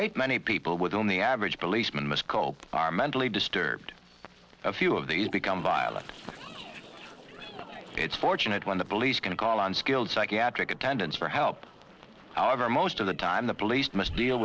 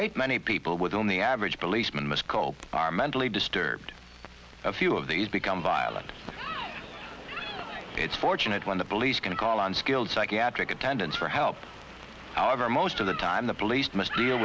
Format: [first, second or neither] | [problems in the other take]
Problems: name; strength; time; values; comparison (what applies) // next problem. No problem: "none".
second | noise reduction (neural separator model SepFormer DNS4)